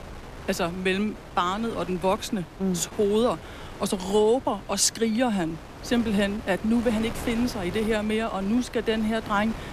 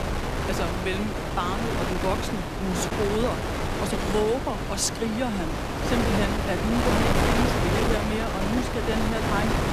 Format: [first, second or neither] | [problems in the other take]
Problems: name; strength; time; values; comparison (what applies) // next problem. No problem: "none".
first | wind noise on the microphone; heavy; 2 dB above the speech; occasional gusts in the first